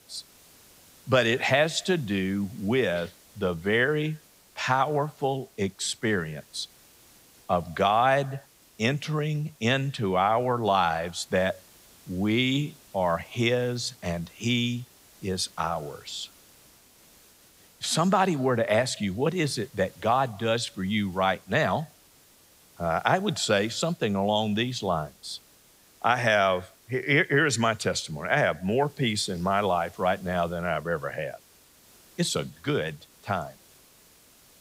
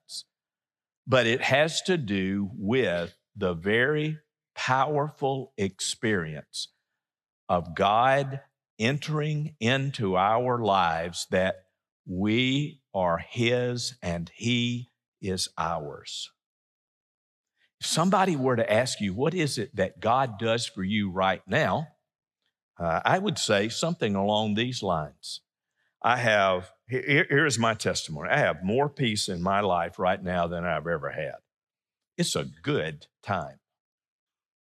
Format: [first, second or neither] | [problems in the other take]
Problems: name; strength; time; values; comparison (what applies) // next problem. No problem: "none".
second | hiss; faint; throughout; 25 dB below the speech